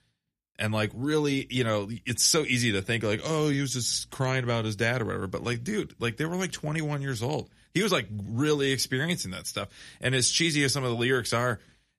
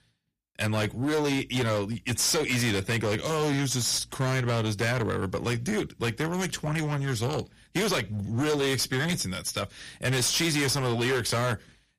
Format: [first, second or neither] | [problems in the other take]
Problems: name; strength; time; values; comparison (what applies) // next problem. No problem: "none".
first | distortion; heavy; 20% of the sound clipped